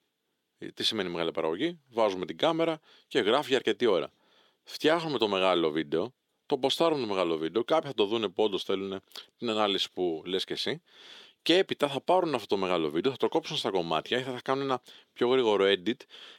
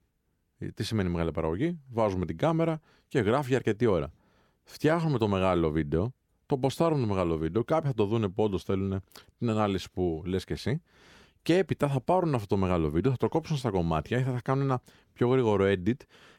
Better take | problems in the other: second | thin; somewhat; fading below 350 Hz

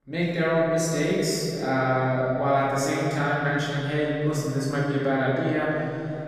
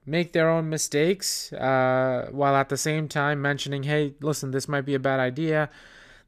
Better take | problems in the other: second | off-mic speech; far // room echo; strong; dies away in 2.6 s

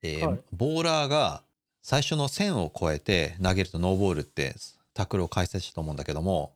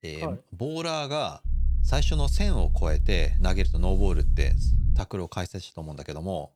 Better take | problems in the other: first | low rumble; noticeable; from 1.5 to 5 s; 15 dB below the speech

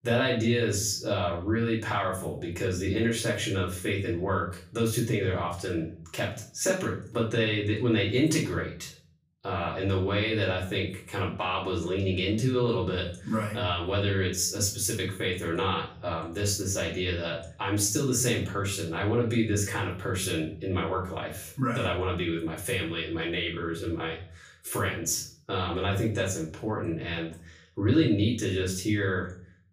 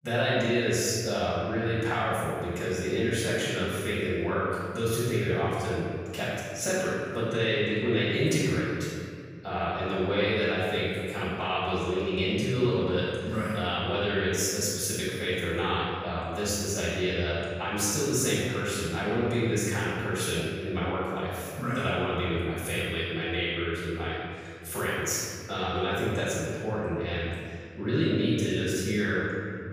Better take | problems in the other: first | room echo; strong; dies away in 1.9 s; slight in the first // off-mic speech; far; far in the first

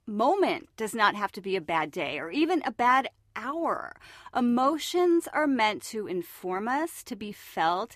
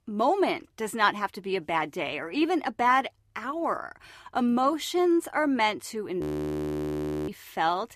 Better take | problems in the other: first | audio freezing; at 6 s for 1 s

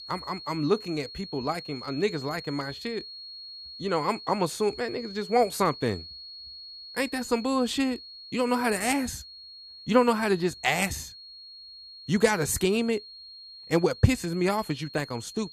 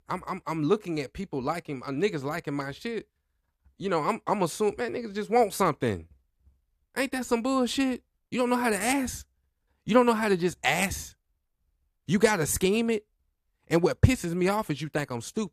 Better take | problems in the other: second | high-pitched whine; noticeable; throughout; 4.5 kHz, 15 dB below the speech

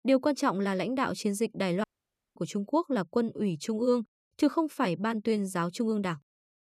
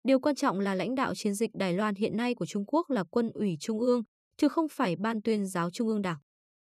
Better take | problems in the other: second | audio cutting out; at 2 s for 0.5 s

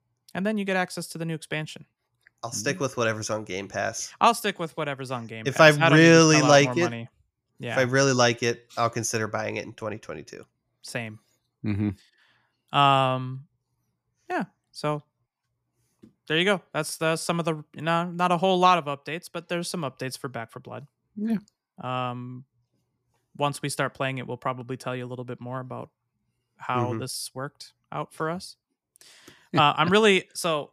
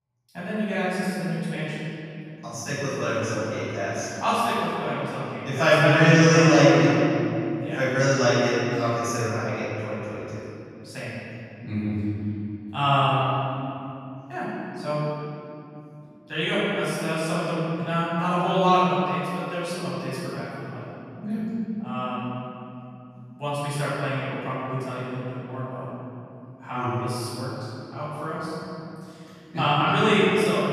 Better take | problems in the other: first | room echo; strong; dies away in 2.9 s // off-mic speech; far

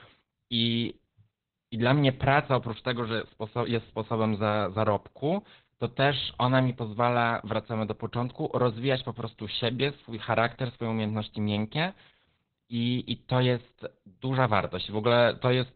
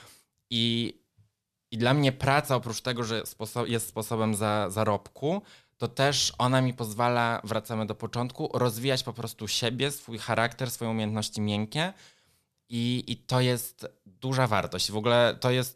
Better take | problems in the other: second | garbled, watery; badly; nothing above 4 kHz

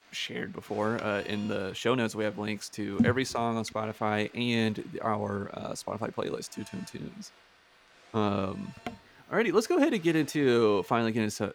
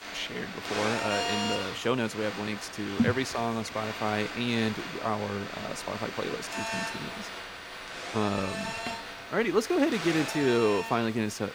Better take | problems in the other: first | alarms or sirens; loud; throughout; 5 dB below the speech; faint in the first

